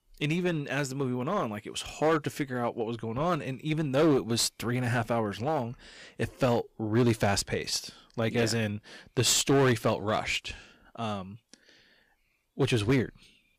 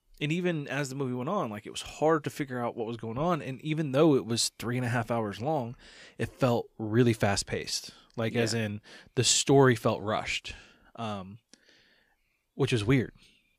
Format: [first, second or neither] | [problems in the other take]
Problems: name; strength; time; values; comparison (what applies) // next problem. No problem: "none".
second | distortion; slight; 6% of the sound clipped